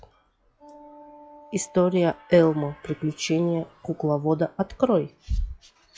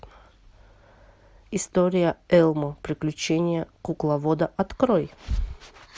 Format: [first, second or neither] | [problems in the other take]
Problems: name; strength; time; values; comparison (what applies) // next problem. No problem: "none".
second | noise reduction (classical method log-MMSE)